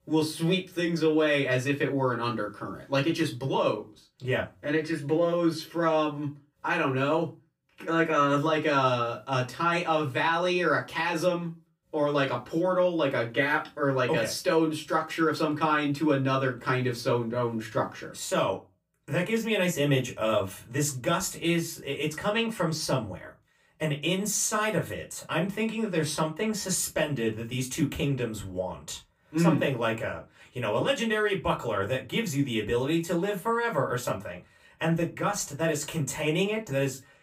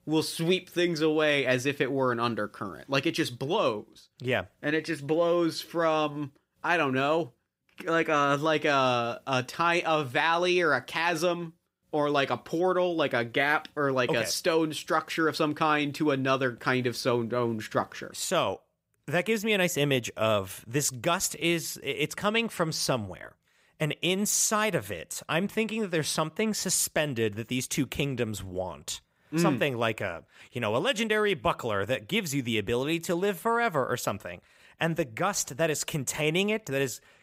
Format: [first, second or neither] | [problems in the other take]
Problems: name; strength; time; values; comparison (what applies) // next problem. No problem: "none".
second | off-mic speech; far // room echo; very slight; dies away in 0.2 s